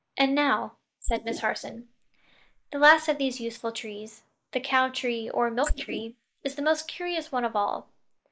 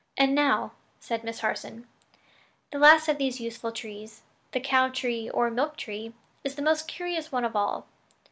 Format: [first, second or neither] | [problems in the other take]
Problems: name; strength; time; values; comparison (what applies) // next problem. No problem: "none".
second | noise reduction (neural mask model Resemble Enhance denoiser)